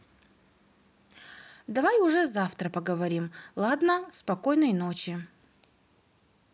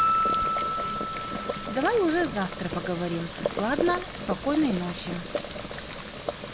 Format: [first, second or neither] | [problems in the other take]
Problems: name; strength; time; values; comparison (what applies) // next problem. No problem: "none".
first | background sound (Boiling + Piano); 1 dB below the speech